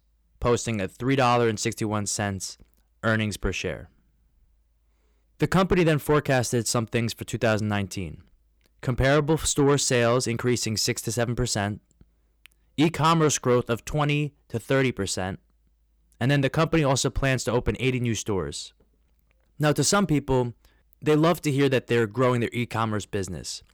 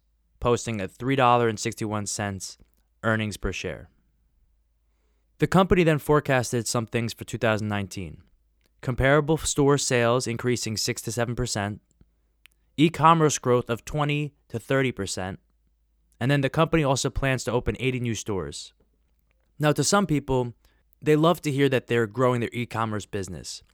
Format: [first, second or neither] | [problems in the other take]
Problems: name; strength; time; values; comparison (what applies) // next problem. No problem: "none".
second | distortion; slight; 10 dB below the speech